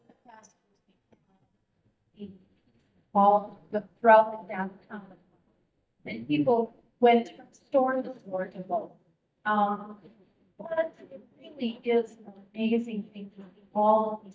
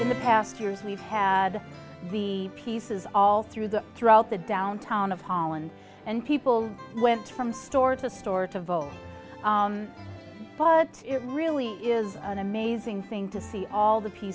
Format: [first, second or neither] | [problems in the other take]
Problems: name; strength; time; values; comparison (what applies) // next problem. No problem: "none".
second | noise reduction (neural mask model DeepFilterNet 3)